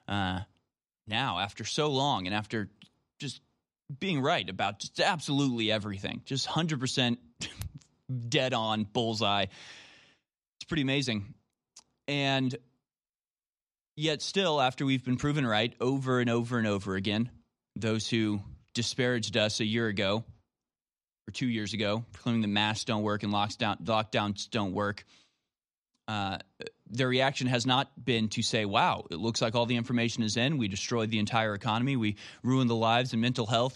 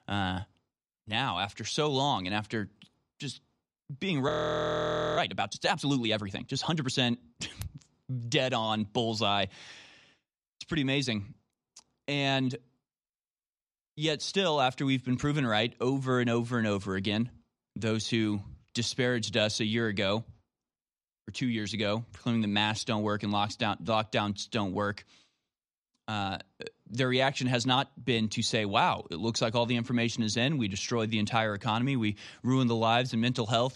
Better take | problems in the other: first | audio freezing; at 4.5 s for 1 s

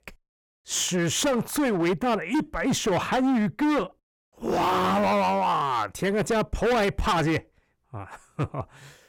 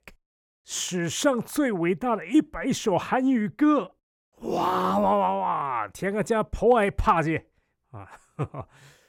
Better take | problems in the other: second | distortion; heavy; 19% of the sound clipped

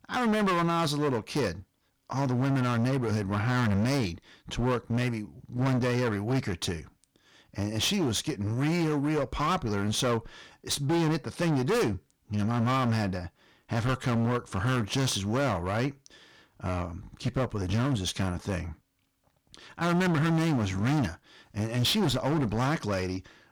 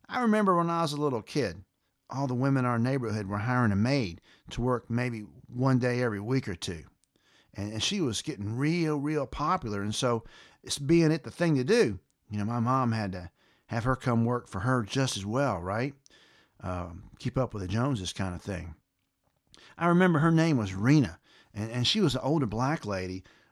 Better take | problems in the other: second | distortion; heavy; 20% of the sound clipped

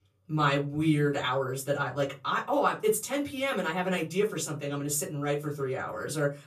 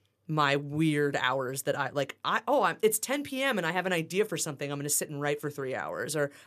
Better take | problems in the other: second | off-mic speech; far // room echo; very slight; dies away in 0.3 s

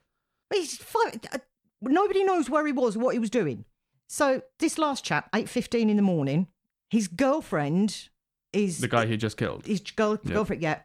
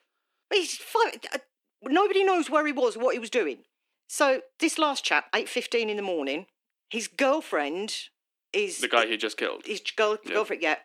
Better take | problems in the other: first | thin; somewhat; fading below 300 Hz

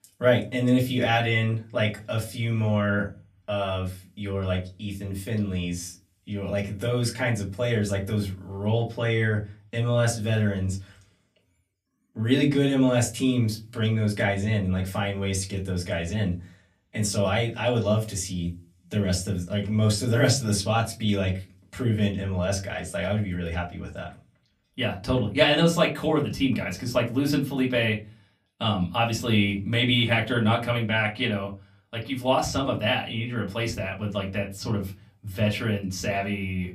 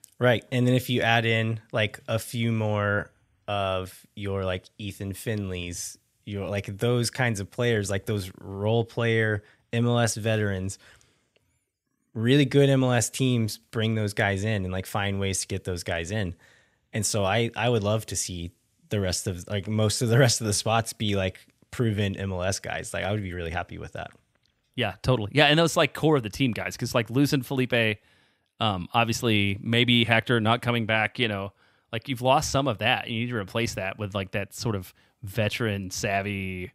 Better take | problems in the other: second | off-mic speech; far // room echo; very slight; dies away in 0.3 s

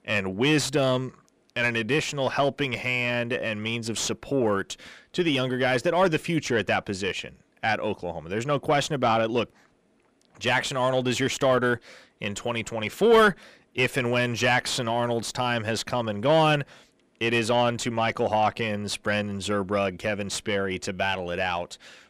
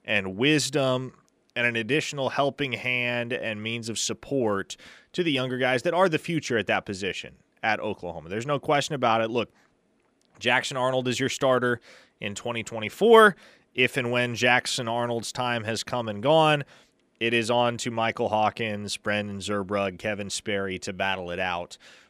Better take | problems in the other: second | distortion; slight; 10 dB below the speech

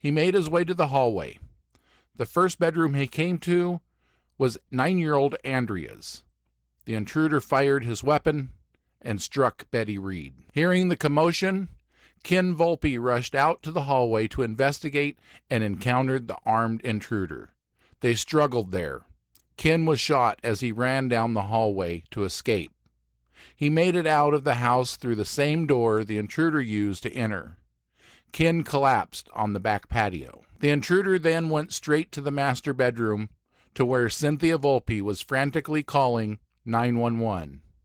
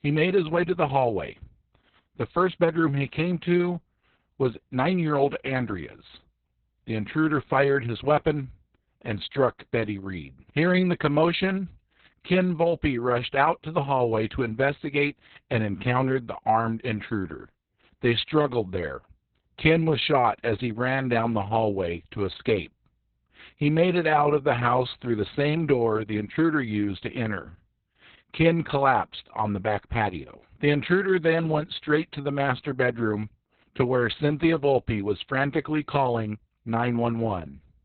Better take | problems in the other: first | garbled, watery; badly; nothing above 4 kHz; slightly in the first

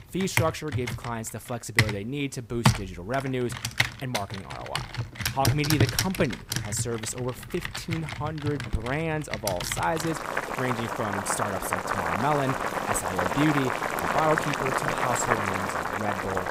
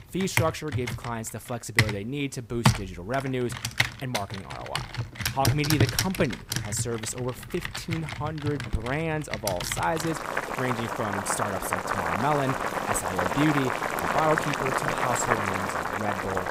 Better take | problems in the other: neither | household noises; very loud; throughout; 2 dB above the speech; the same in both

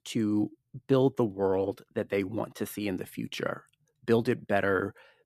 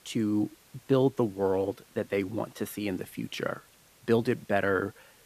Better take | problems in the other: first | hiss; faint; throughout; 25 dB below the speech

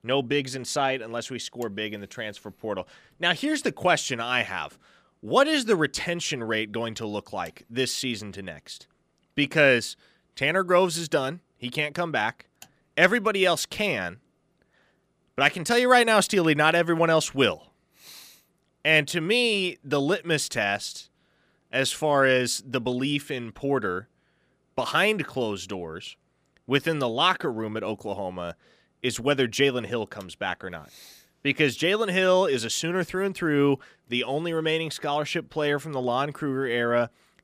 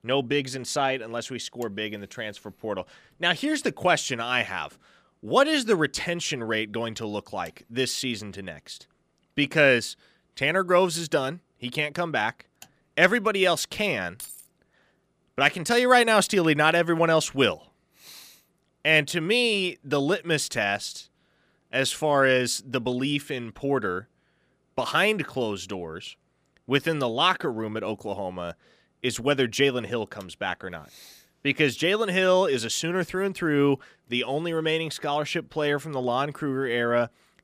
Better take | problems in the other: first | jangling keys; faint; at 14 s; peak 15 dB below the speech

